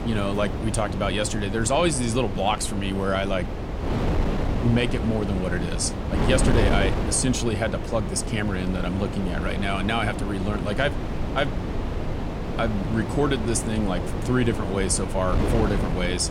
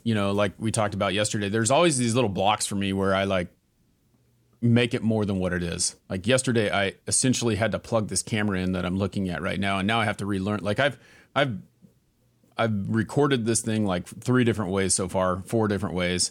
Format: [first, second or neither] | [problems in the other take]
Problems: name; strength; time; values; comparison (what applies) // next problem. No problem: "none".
second | wind noise on the microphone; heavy; 6 dB below the speech